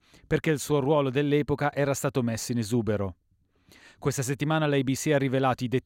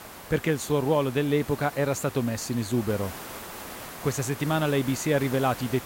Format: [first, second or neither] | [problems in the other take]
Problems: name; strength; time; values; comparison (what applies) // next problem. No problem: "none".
first | hiss; noticeable; throughout; 15 dB below the speech